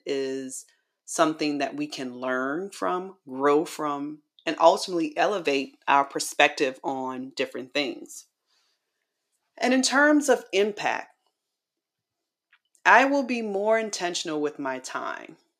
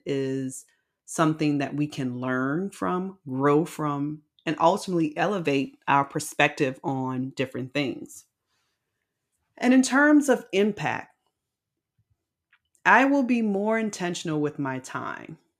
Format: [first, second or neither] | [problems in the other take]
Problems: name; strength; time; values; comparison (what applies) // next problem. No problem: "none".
second | thin; very slightly; fading below 400 Hz